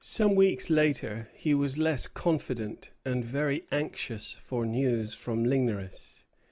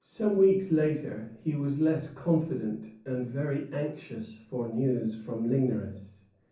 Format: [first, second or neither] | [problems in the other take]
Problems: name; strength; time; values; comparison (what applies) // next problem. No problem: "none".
first | room echo; dies away in 0.6 s